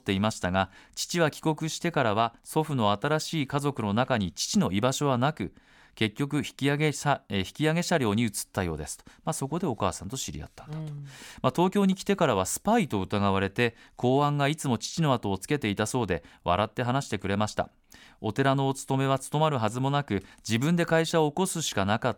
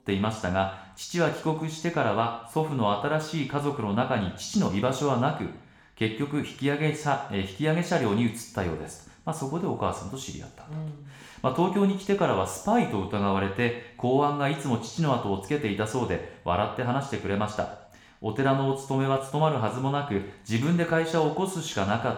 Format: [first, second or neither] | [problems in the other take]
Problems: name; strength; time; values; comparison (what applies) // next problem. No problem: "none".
first | room echo; slight; dies away in 0.7 s // off-mic speech; somewhat distant